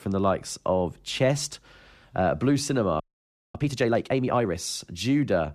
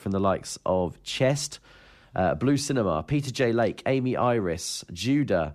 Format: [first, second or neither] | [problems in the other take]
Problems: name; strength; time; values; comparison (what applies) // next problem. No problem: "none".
second | audio freezing; at 3 s for 0.5 s